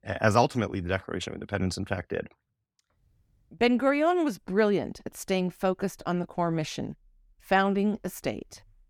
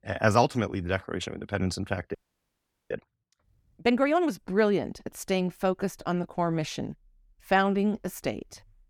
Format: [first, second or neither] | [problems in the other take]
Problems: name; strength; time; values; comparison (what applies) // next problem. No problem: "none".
first | audio freezing; at 2 s for 1 s